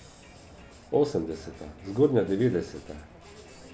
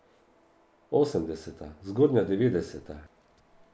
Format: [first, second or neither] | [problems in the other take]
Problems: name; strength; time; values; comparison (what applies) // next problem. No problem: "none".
second | background sound (Crowd); 20 dB below the speech